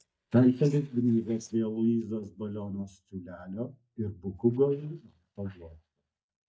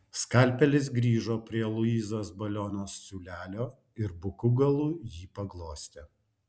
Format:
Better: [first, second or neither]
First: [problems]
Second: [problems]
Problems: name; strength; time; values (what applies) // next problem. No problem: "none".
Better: second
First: noise reduction (neural mask model DeepFilterNet 3)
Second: none